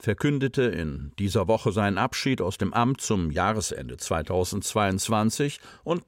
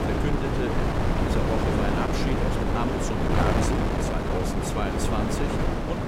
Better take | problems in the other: first | wind noise on the microphone; heavy; 5 dB above the speech

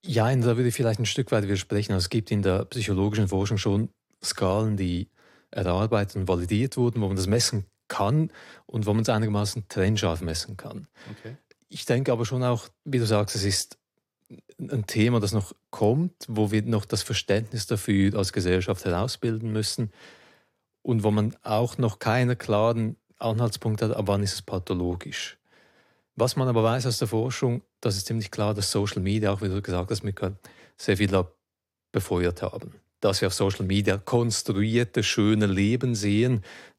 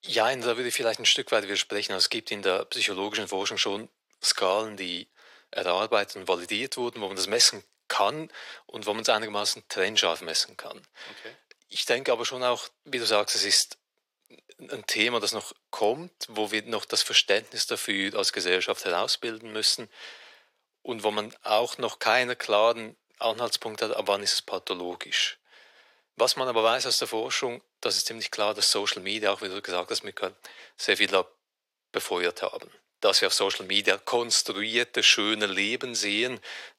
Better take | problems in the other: first | thin; very; fading below 600 Hz

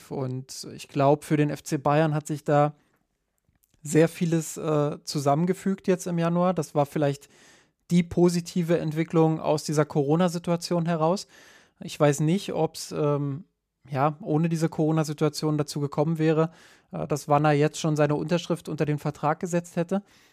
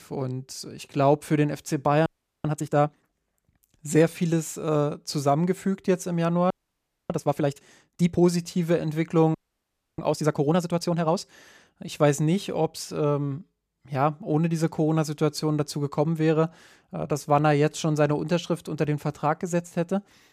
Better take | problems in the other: first | audio freezing; at 2 s, at 6.5 s for 0.5 s and at 9.5 s for 0.5 s

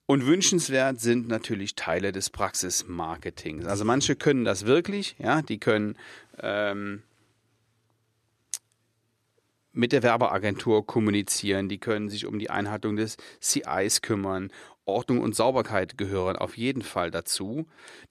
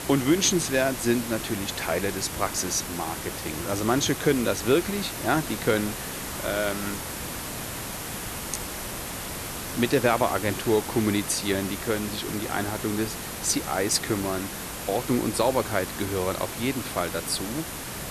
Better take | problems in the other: first | hiss; loud; throughout; 6 dB below the speech

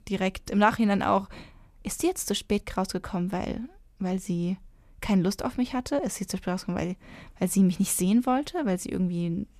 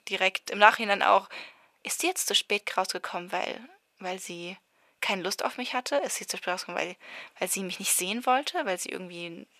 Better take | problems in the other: first | thin; very; fading below 600 Hz

